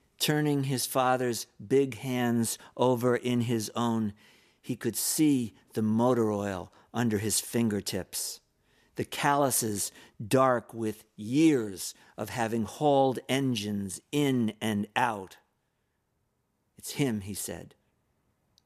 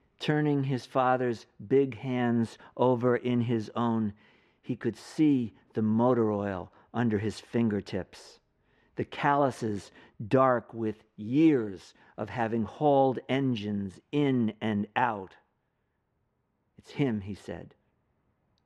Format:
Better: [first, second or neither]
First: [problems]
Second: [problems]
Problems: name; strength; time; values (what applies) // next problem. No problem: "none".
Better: first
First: none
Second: muffled; very; fading above 2.5 kHz